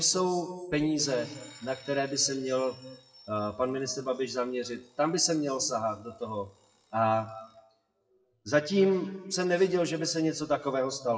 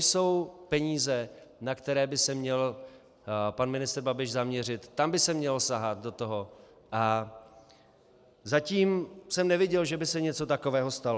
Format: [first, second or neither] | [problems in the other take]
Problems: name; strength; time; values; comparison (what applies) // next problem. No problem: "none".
second | noise reduction (classical method WPE with log-MMSE)